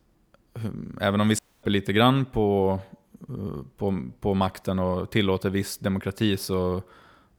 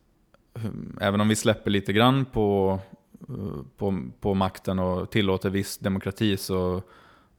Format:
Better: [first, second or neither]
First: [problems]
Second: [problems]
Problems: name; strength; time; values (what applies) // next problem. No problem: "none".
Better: second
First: audio cutting out; at 1.5 s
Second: none